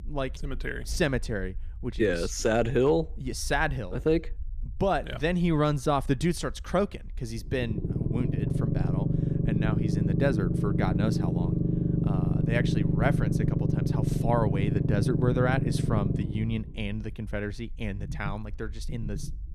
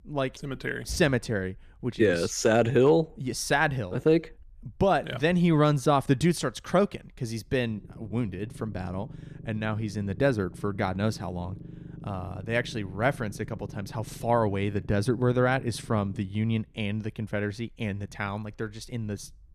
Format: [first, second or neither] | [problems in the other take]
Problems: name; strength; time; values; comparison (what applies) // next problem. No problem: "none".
second | low rumble; loud; throughout; 5 dB below the speech; faint in the second